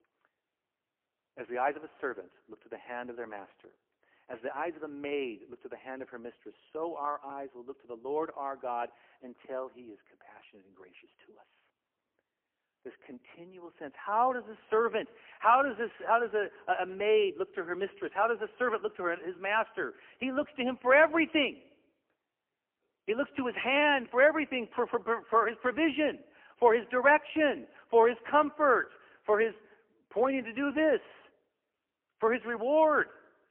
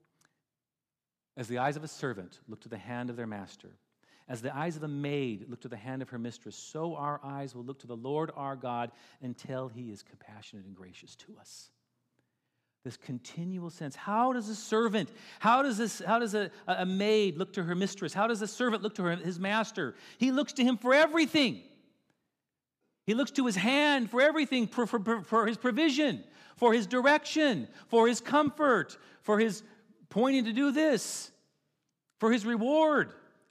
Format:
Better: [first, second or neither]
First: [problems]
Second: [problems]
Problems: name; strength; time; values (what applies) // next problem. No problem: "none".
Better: second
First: phone-call audio; poor line; nothing above 3 kHz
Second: none